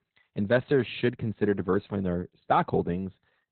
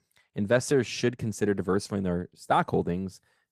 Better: second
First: garbled, watery; badly; nothing above 4 kHz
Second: garbled, watery; slightly; nothing above 14.5 kHz

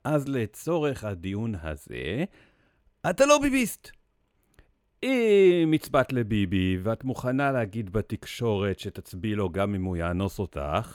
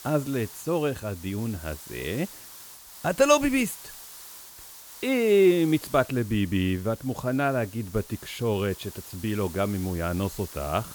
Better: first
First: none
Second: hiss; noticeable; throughout; 15 dB below the speech

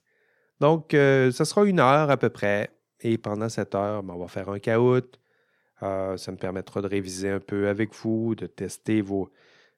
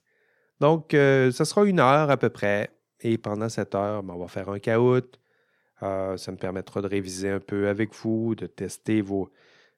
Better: neither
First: none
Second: none

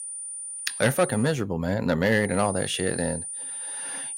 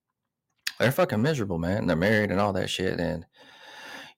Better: second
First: high-pitched whine; loud; until 1.5 s and from 2.5 s on; 9.5 kHz, 7 dB below the speech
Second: none

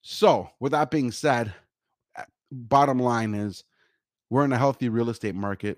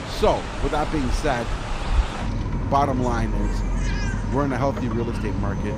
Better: first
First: none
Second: animal sounds; loud; throughout; 2 dB below the speech

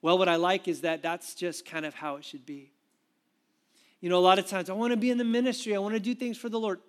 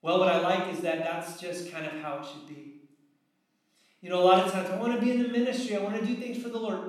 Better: first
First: none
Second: off-mic speech; somewhat distant // room echo; noticeable; dies away in 0.7 s

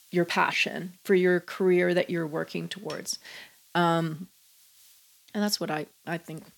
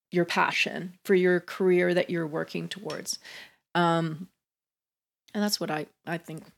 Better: second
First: hiss; faint; throughout; 30 dB below the speech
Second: none

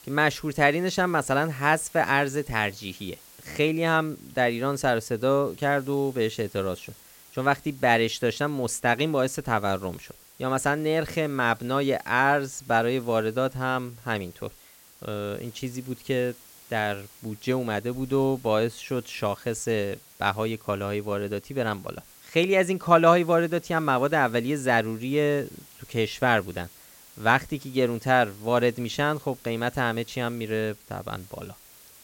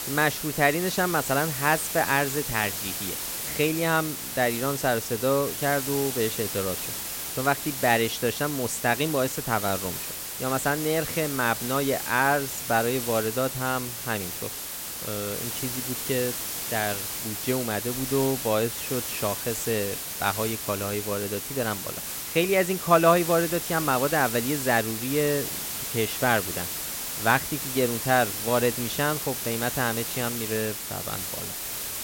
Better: first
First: hiss; faint; throughout; 25 dB below the speech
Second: hiss; loud; throughout; 4 dB below the speech

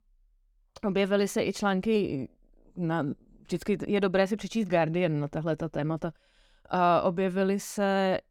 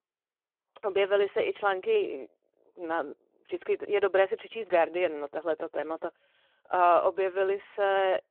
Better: first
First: none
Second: phone-call audio

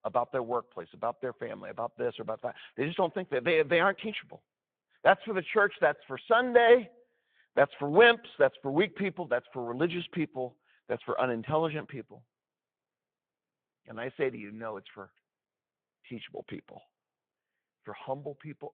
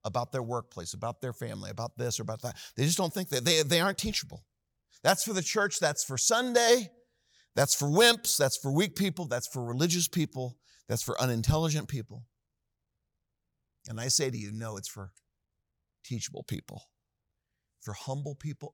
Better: second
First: phone-call audio; nothing above 3.5 kHz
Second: none

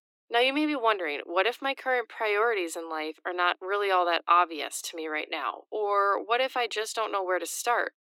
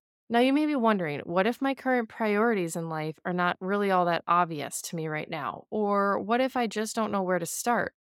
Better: second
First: thin; somewhat; fading below 300 Hz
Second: none

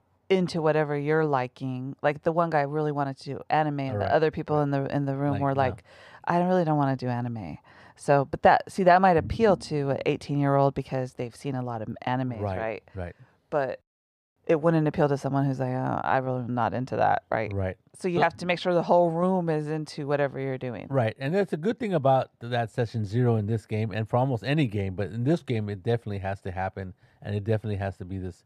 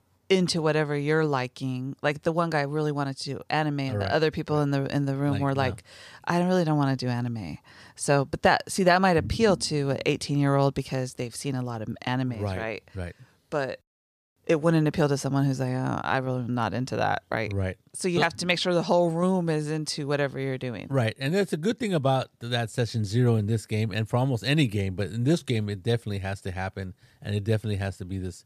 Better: second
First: muffled; slightly; fading above 3.5 kHz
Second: none

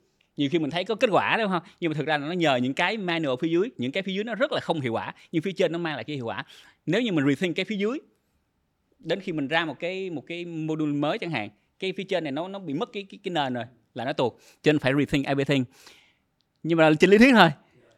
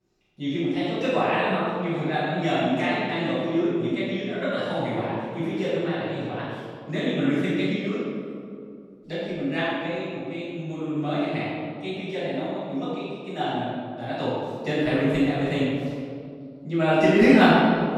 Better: first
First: none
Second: off-mic speech; far // room echo; strong; dies away in 2.1 s

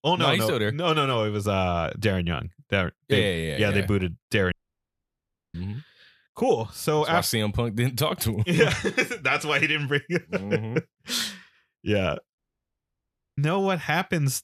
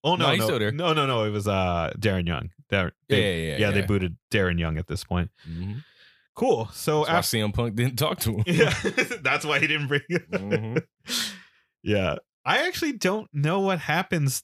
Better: second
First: audio cutting out; at 4.5 s for 1 s and at 12 s for 1 s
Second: none

